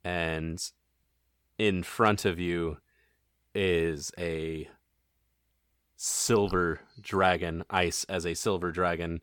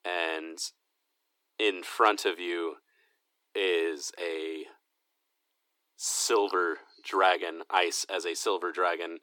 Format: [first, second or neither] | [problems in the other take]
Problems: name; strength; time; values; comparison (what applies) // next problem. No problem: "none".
first | thin; very; fading below 300 Hz